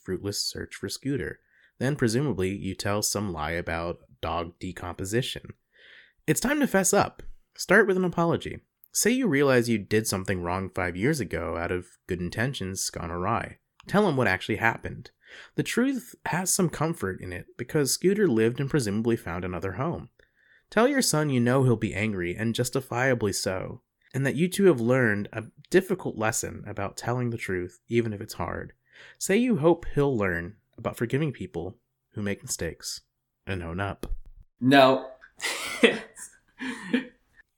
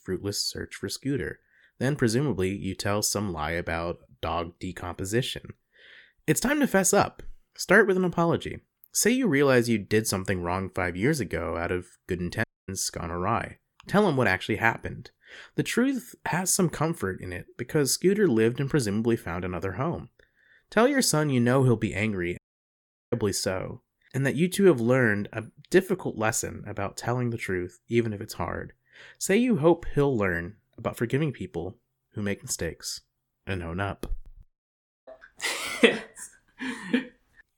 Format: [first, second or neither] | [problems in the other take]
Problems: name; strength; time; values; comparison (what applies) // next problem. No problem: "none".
first | audio cutting out; at 12 s, at 22 s for 0.5 s and at 34 s for 0.5 s